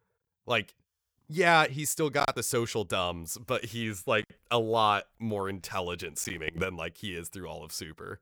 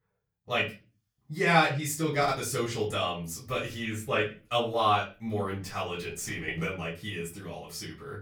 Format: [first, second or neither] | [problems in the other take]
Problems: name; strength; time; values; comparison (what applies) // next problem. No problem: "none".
first | room echo; slight; dies away in 0.3 s // off-mic speech; far